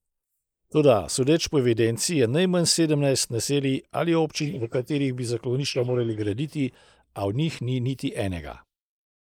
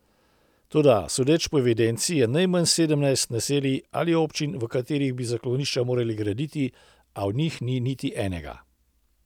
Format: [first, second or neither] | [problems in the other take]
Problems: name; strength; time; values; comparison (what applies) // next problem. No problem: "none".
second | noise reduction (neural mask model Resemble Enhance denoiser)